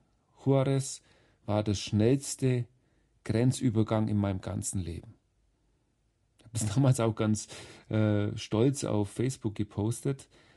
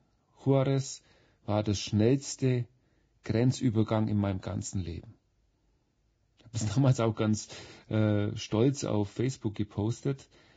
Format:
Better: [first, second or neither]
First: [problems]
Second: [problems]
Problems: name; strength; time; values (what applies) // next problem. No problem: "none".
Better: first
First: garbled, watery; slightly; nothing above 11 kHz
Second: garbled, watery; badly; nothing above 7.5 kHz